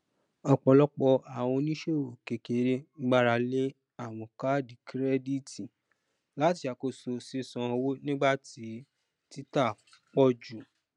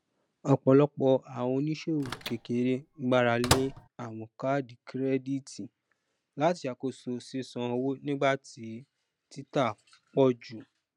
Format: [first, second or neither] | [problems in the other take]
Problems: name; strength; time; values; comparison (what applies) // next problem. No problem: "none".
first | background sound (Microwave oven); 5 dB below the speech